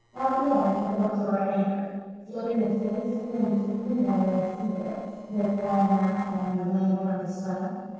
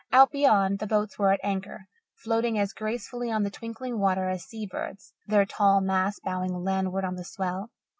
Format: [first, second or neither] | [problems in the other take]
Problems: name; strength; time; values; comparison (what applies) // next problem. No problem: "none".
second | noise reduction (neural separator model SepFormer DNS4)